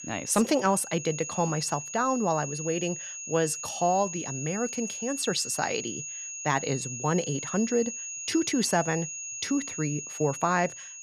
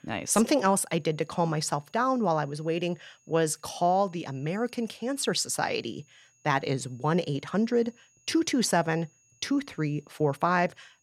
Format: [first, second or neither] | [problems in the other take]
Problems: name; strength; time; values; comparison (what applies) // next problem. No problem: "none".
second | high-pitched whine; loud; throughout; 6.5 kHz, 7 dB below the speech; faint in the second